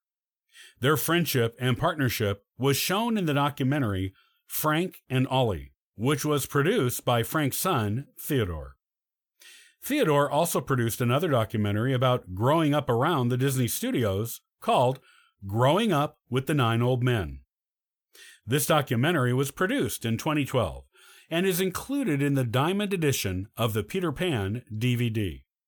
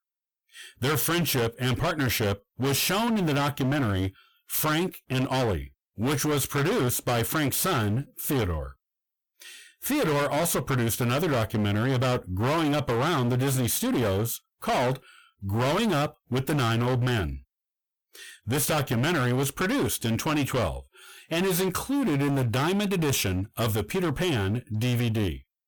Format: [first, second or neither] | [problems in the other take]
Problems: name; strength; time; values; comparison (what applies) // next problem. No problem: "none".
first | distortion; heavy; 27% of the sound clipped